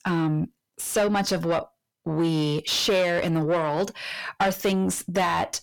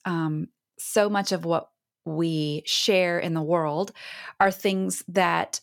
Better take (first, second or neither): second